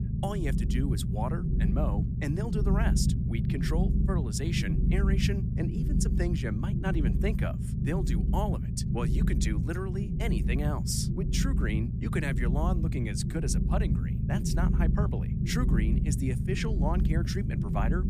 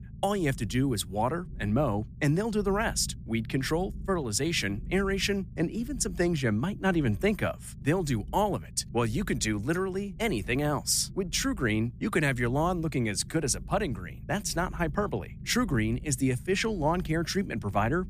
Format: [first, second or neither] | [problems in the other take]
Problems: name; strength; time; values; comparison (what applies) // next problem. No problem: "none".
second | low rumble; loud; throughout; 3 dB below the speech; faint in the second